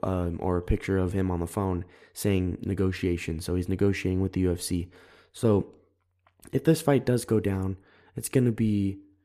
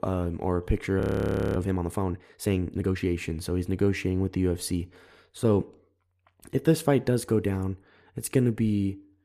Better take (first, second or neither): first